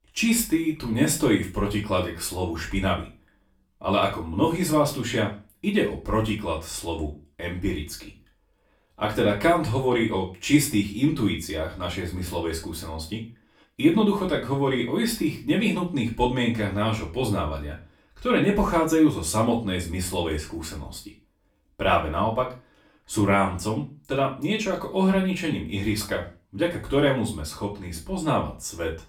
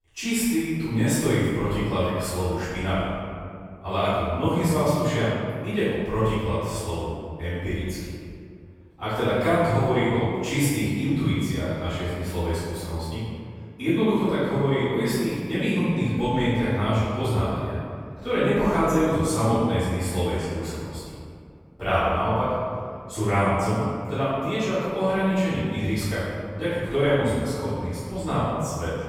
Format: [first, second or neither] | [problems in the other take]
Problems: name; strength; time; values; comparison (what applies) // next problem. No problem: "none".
first | room echo; strong; dies away in 2 s; slight in the first // off-mic speech; far; far in the first